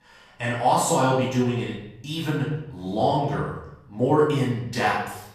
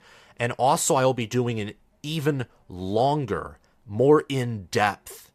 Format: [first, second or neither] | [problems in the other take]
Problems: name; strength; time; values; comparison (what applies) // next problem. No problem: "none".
second | off-mic speech; far // room echo; noticeable; dies away in 0.7 s